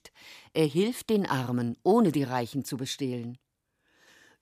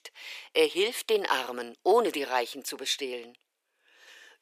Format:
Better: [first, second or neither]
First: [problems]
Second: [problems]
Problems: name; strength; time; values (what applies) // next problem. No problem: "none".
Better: first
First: none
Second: thin; very; fading below 450 Hz